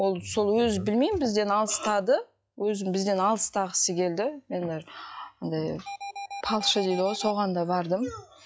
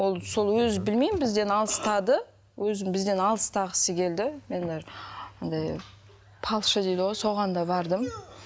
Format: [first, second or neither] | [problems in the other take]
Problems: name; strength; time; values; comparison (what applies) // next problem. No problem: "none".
second | noise reduction (classical method log-MMSE)